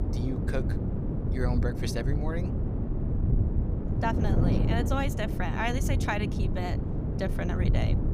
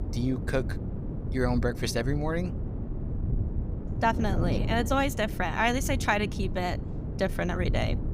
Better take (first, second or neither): second